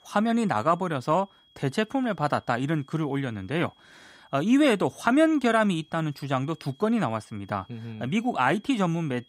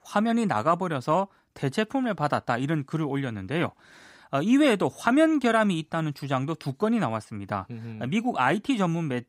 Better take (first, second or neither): second